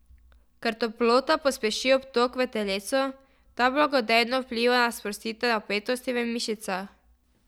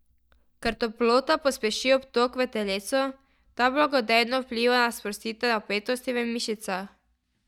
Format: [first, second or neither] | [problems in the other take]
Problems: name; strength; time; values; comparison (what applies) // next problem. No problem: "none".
first | noise reduction (neural mask model DeepFilterNet 3)